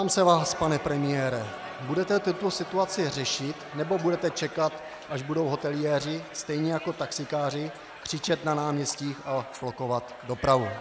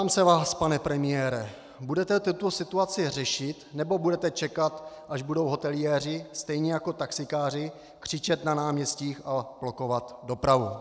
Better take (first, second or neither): second